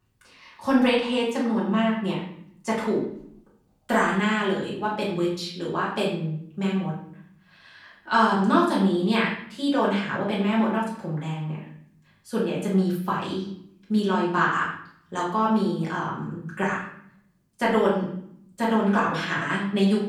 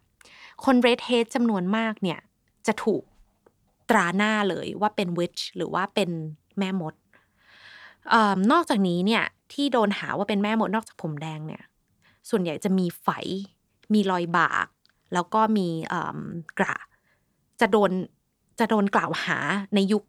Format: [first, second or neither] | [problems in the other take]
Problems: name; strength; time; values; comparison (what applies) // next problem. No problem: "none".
second | room echo; noticeable; dies away in 0.6 s // off-mic speech; far